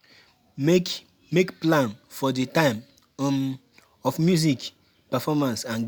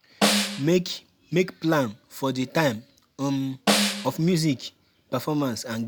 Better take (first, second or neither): first